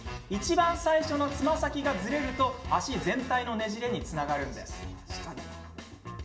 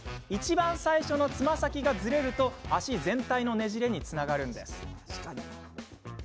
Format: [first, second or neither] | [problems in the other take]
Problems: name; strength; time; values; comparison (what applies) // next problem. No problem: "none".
second | room echo; dies away in 0.6 s